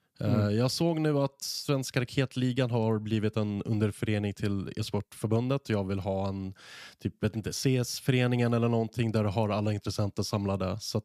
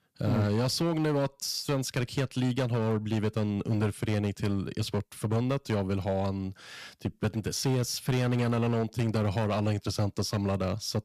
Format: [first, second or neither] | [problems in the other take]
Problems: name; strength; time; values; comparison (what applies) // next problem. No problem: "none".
first | distortion; slight; 9% of the sound clipped